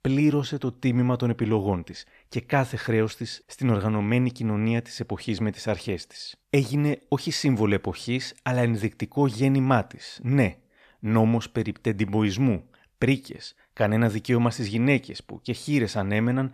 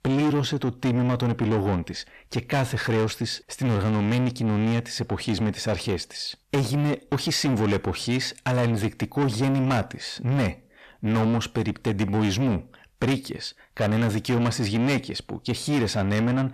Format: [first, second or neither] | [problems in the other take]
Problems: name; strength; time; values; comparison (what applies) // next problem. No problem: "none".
first | distortion; heavy; 8 dB below the speech